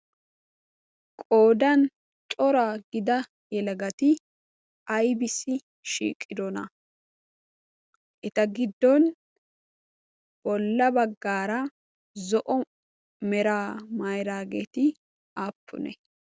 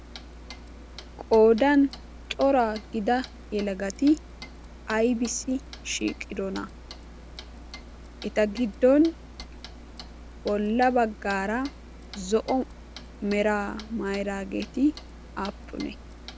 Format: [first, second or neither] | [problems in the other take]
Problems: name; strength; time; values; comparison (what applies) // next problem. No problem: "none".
first | background sound (Clock); 16 dB below the speech